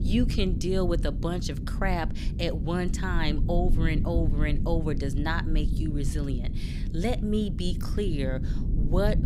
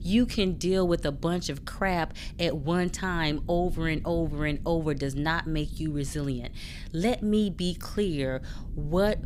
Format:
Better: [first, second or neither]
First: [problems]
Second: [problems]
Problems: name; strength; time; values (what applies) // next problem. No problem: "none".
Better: second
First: low rumble; loud; throughout; 10 dB below the speech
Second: low rumble; faint; throughout; 25 dB below the speech